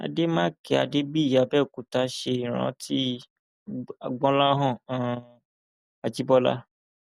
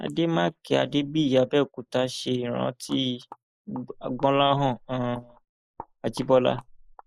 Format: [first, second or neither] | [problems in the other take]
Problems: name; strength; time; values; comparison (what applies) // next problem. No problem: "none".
first | noise reduction (neural mask model Resemble Enhance denoiser)